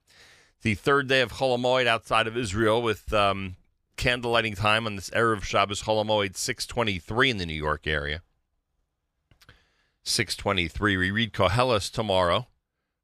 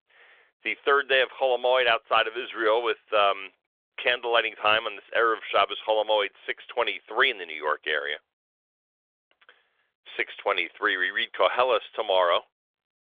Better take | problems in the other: first | phone-call audio; nothing above 3.5 kHz

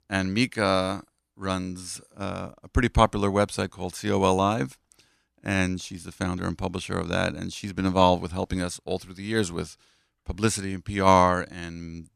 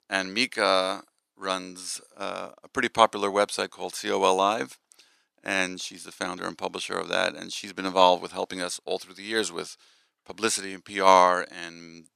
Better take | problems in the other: first | thin; somewhat; fading below 400 Hz

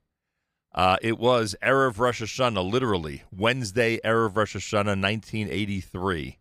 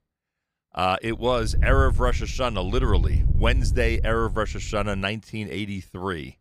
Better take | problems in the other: first | wind noise on the microphone; faint; from 1 to 5 s; 15 dB below the speech

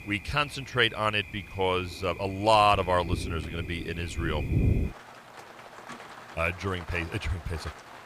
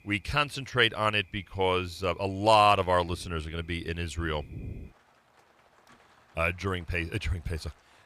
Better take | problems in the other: second | rain or running water; loud; throughout; 9 dB below the speech; faint in the second

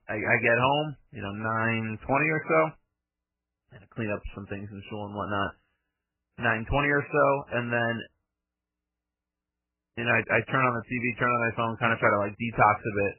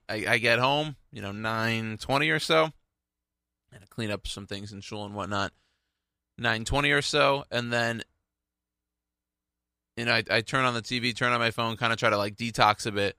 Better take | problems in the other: second | garbled, watery; badly; nothing above 3 kHz

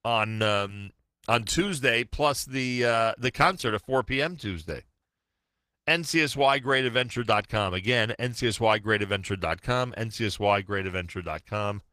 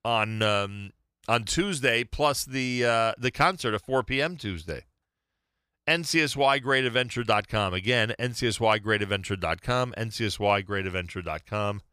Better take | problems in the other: second | garbled, watery; slightly; nothing above 15 kHz

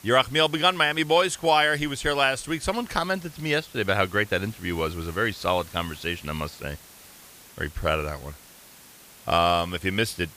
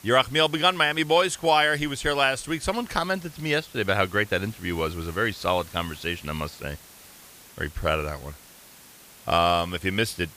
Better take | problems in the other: neither | hiss; faint; throughout; 20 dB below the speech; the same in both

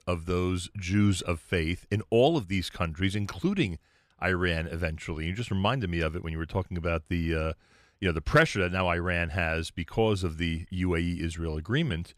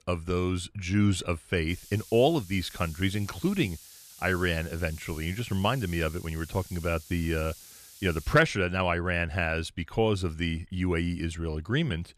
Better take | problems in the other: first | hiss; noticeable; from 1.5 to 8.5 s; 20 dB below the speech

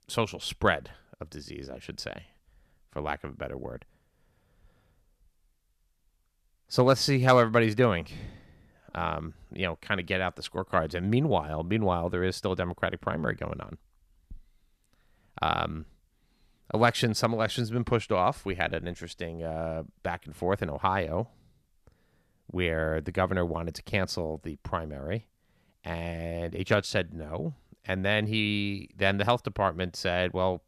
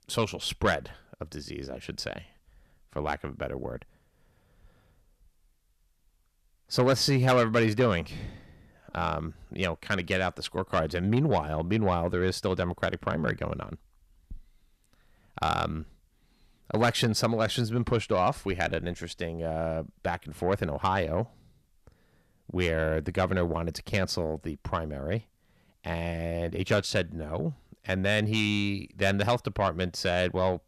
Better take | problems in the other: first | distortion; slight; 10 dB below the speech

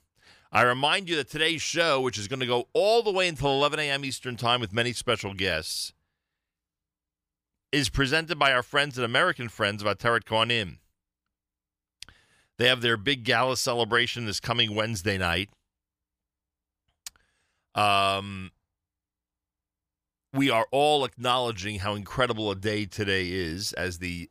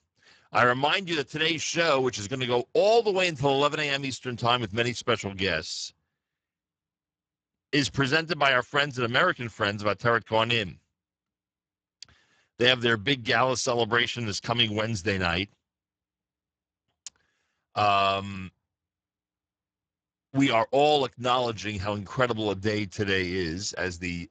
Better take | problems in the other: first | garbled, watery; badly; nothing above 7.5 kHz

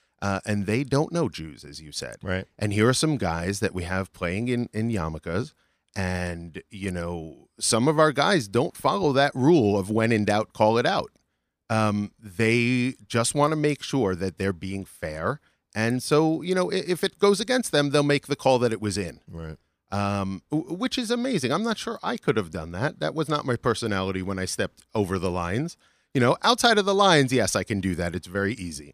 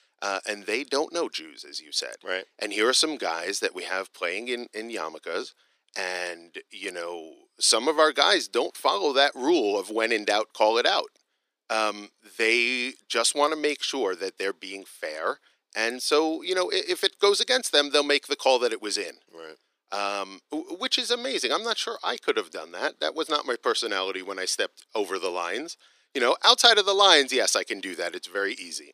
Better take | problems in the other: first | thin; somewhat; fading below 350 Hz

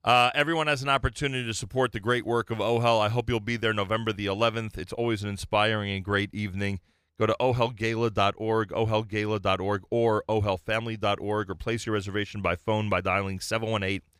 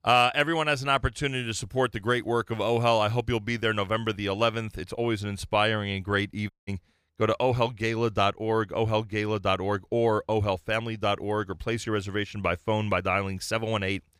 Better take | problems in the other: first | audio cutting out; at 6.5 s

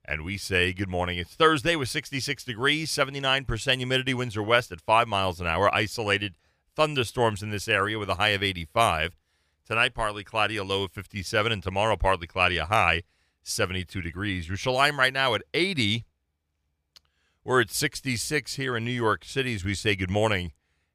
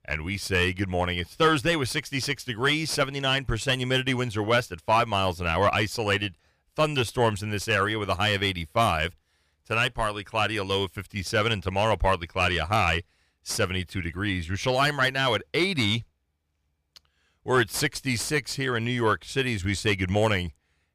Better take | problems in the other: first | distortion; slight; 10 dB below the speech

